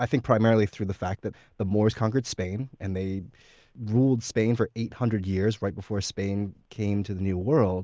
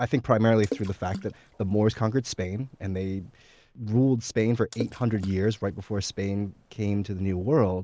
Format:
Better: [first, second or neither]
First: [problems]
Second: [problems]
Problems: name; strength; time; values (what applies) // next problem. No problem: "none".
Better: first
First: none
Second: background sound (Water / Splash, splatter); 16 dB below the speech